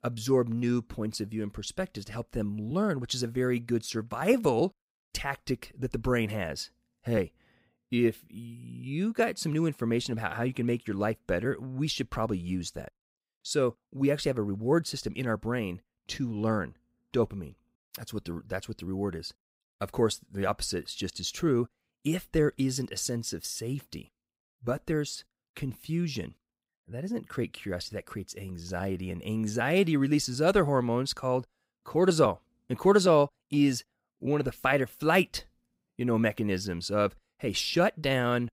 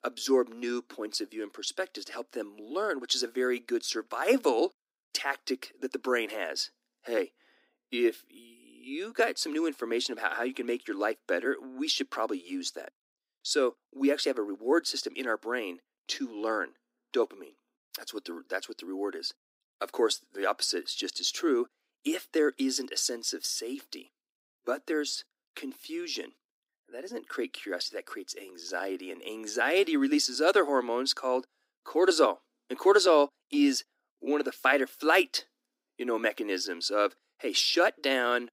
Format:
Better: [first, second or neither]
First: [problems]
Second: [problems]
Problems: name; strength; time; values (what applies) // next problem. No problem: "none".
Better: first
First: none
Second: thin; very slightly; fading below 250 Hz